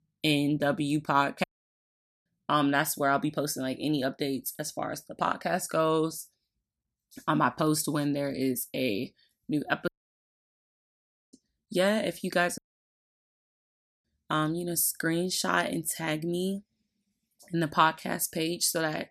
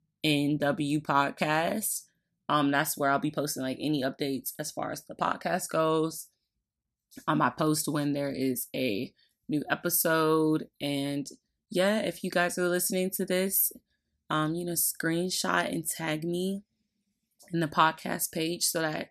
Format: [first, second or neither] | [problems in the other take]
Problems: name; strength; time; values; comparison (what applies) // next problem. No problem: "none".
second | audio cutting out; at 1.5 s for 1 s, at 10 s for 1.5 s and at 13 s for 1.5 s